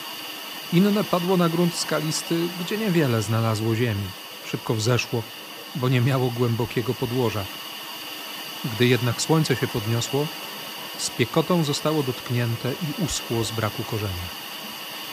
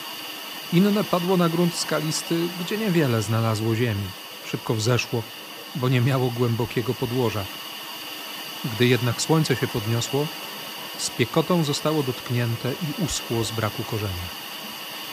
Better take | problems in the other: neither | hiss; loud; throughout; 9 dB below the speech; the same in both

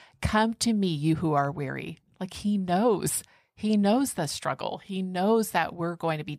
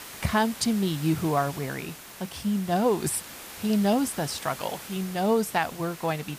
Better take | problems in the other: first | hiss; noticeable; throughout; 15 dB below the speech

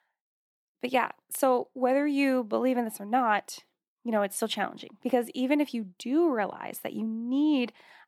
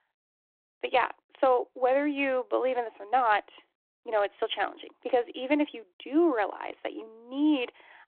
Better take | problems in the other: first | phone-call audio

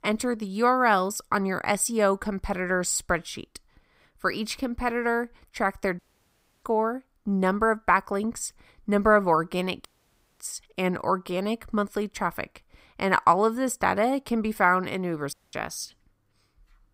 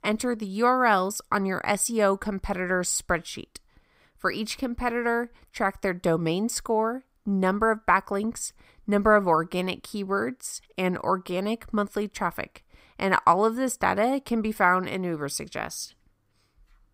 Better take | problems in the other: second | audio cutting out; at 6 s for 0.5 s, at 10 s for 0.5 s and at 15 s

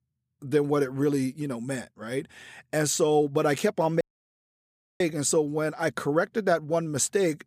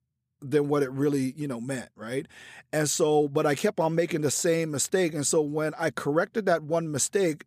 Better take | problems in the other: second | audio cutting out; at 4 s for 1 s

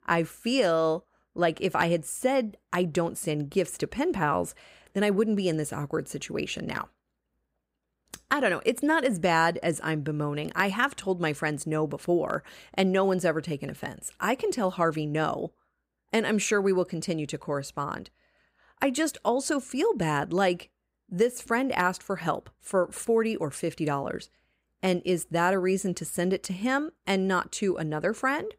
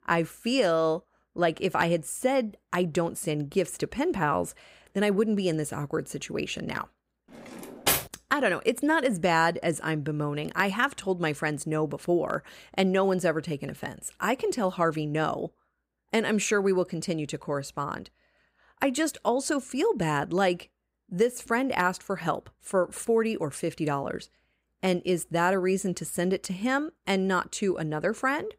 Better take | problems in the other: first | clattering dishes; loud; at 7.5 s; peak 3 dB above the speech

